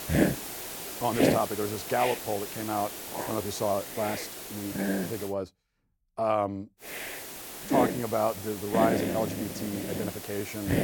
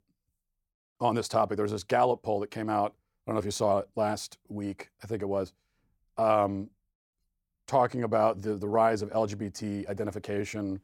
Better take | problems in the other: second | hiss; loud; until 5.5 s and from 7 s on; 1 dB below the speech

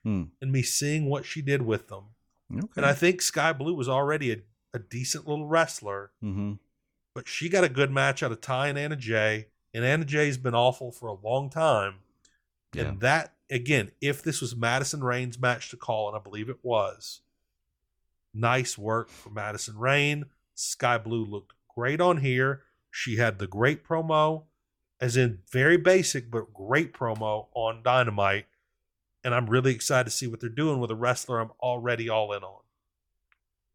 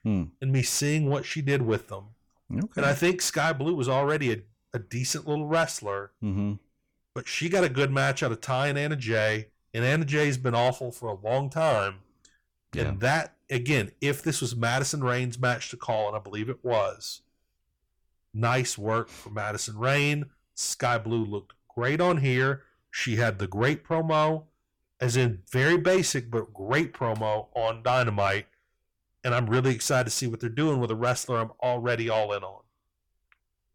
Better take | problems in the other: first | distortion; slight; 10 dB below the speech

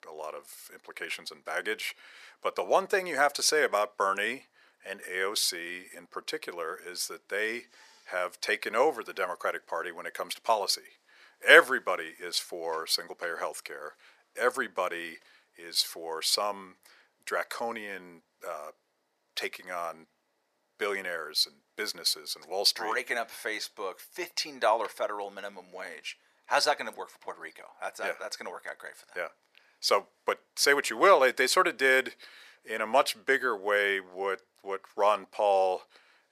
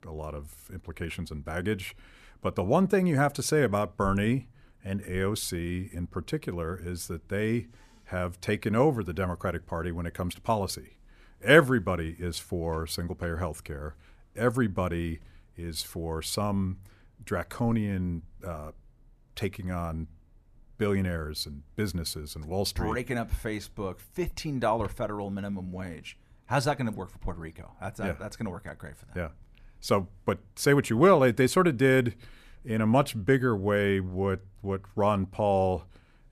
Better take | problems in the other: second | thin; very; fading below 500 Hz

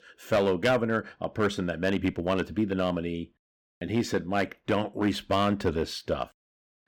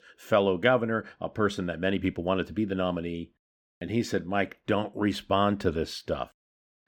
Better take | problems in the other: second | distortion; slight; 3% of the sound clipped

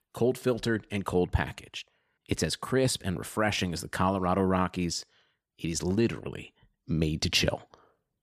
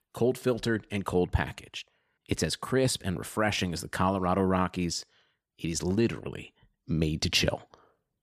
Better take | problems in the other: neither | none

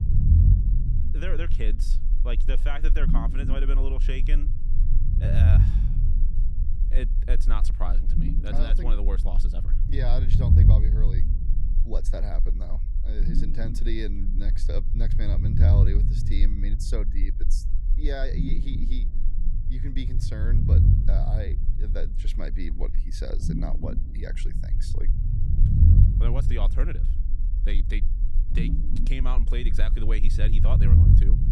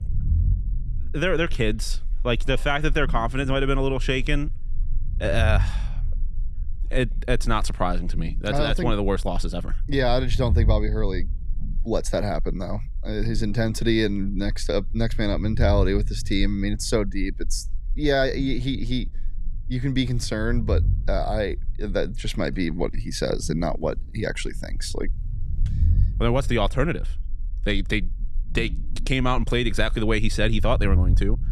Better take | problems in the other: second | low rumble; loud; throughout; 2 dB below the speech; faint in the second

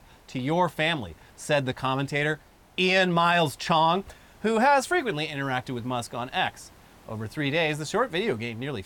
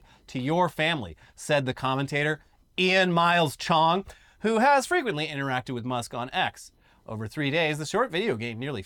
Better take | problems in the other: second | hiss; faint; throughout; 30 dB below the speech

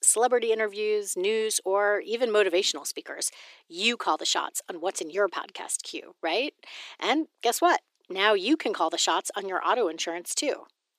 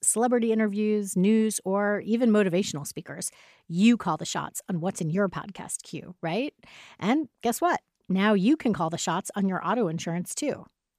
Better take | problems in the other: second | thin; very; fading below 350 Hz

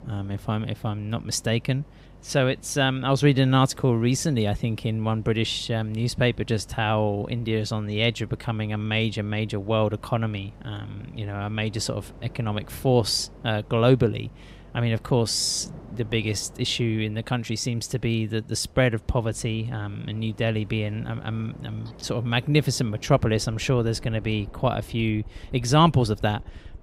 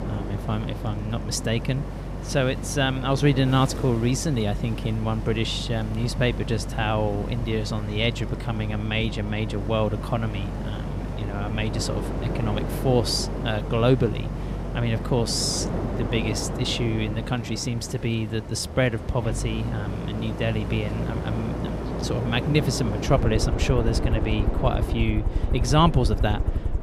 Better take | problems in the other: first | train or aircraft noise; loud; throughout; 4 dB below the speech; faint in the first

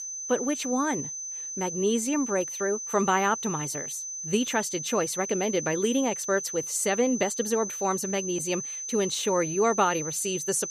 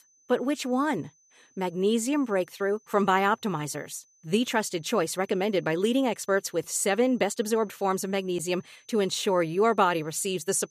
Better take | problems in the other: second | high-pitched whine; loud; throughout; 6 kHz, 5 dB below the speech; faint in the second

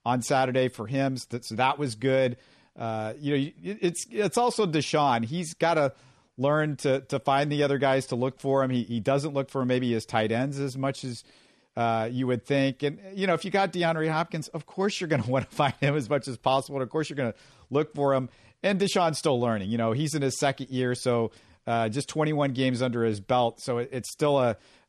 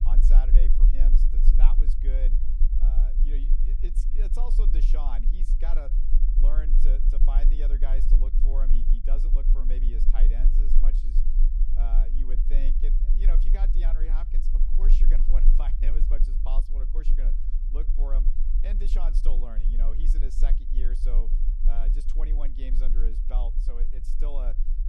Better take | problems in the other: first | low rumble; loud; throughout; 6 dB below the speech

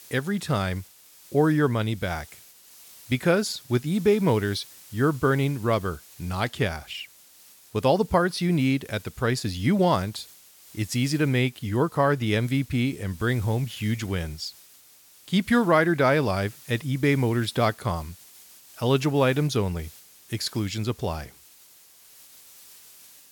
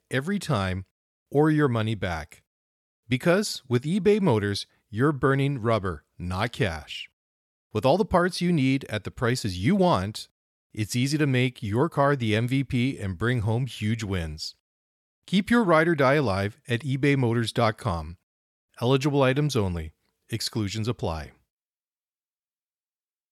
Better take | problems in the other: second | hiss; faint; throughout; 25 dB below the speech

